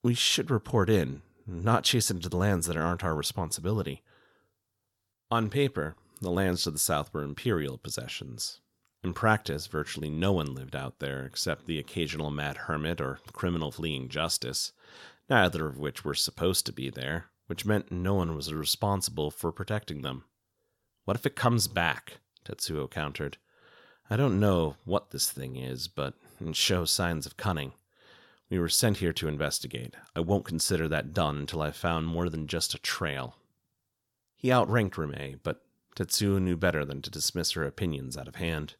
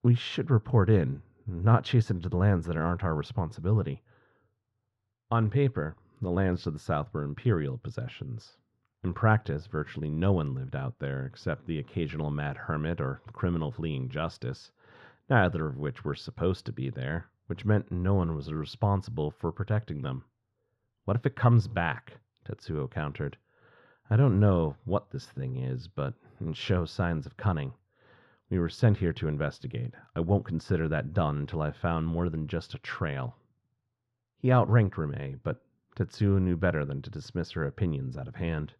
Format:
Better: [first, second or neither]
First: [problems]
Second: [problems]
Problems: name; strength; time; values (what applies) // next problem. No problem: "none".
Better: first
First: none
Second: muffled; very; fading above 2 kHz